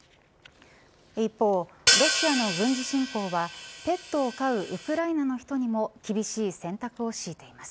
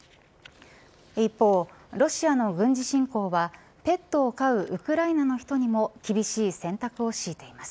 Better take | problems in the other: second | background sound (Hi-hat); as loud as the speech

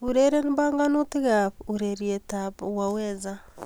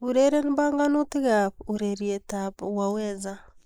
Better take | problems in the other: first | noise reduction (neural mask model Resemble Enhance denoiser)

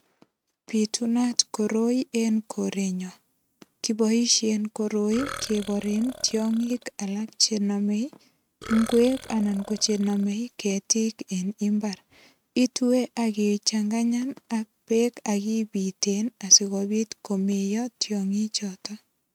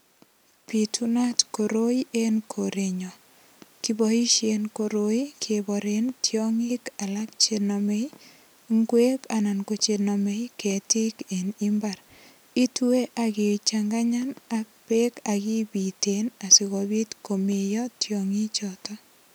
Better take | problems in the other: second | noise reduction (neural mask model RNNoise)

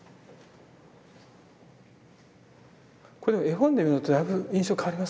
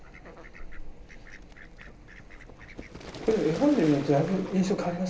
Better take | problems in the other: first | background sound (Fowl); 13 dB below the speech // room echo; dies away in 0.3 s

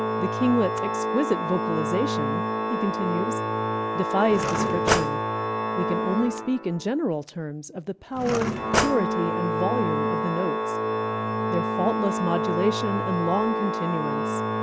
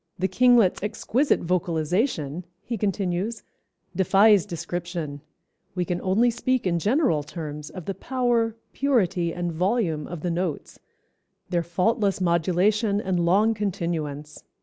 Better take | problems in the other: second | background sound (Cutlery, silverware / Drawer open or close + Organ); 1 dB above the speech

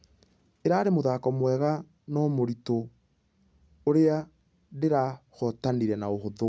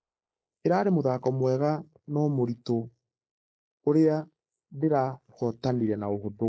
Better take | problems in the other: first | noise reduction (neural mask model Resemble Enhance denoiser)

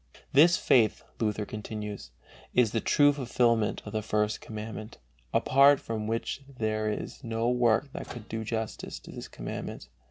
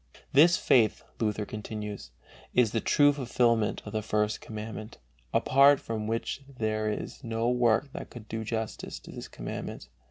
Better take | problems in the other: second | background sound (Microwave oven); 19 dB below the speech

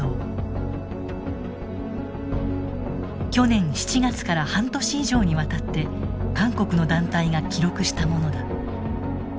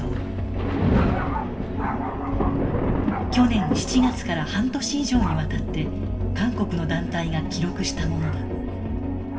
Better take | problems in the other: first | background sound (Thunder); 4 dB below the speech // room echo; dies away in 0.8 s

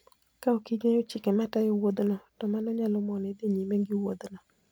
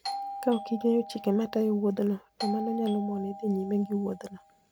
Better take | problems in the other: first | background sound (Doorbell); 11 dB below the speech

